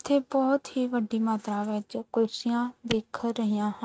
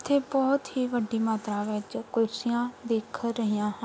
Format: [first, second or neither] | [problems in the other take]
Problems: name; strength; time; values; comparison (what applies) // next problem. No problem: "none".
second | noise reduction (neural mask model RNNoise)